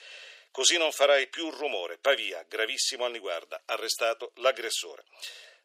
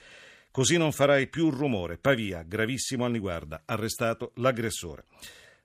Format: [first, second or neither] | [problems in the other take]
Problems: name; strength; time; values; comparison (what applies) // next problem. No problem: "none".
second | thin; very; fading below 400 Hz